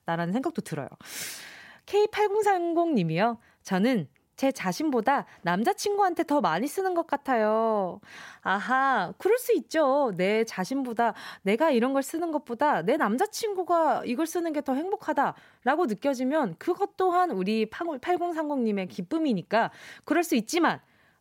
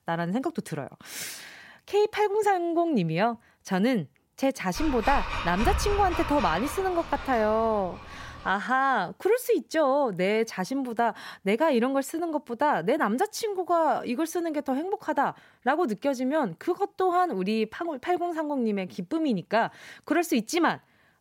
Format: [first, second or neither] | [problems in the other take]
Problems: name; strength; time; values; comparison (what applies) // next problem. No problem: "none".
first | dog barking; noticeable; from 5 to 8.5 s; peak 3 dB below the speech